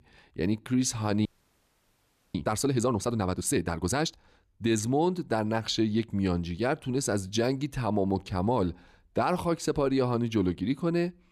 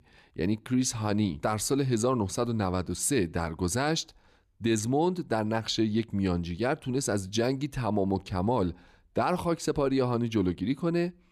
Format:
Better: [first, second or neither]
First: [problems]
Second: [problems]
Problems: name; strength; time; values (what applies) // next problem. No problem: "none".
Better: second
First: audio freezing; at 1.5 s for 1 s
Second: none